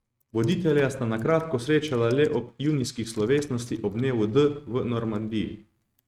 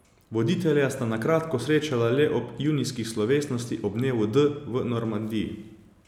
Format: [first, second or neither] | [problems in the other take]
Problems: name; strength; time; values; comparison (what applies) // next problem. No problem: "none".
second | noise reduction (neural mask model RNNoise)